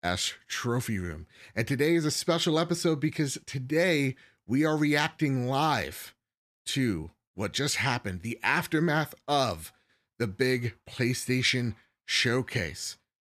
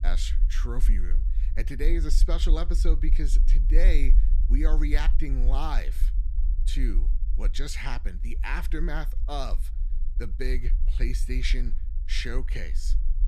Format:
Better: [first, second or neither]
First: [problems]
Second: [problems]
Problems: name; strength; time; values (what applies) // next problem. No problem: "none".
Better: first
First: none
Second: low rumble; noticeable; throughout; 15 dB below the speech